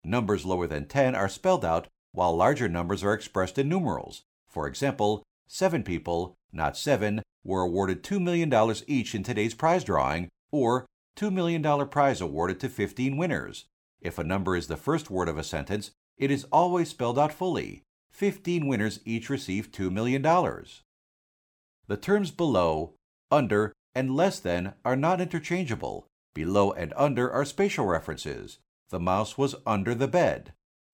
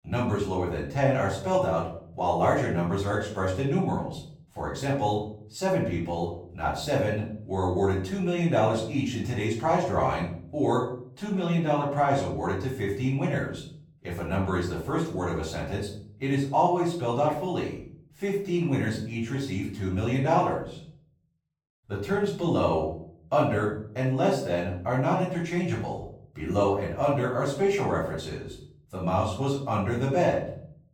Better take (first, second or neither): first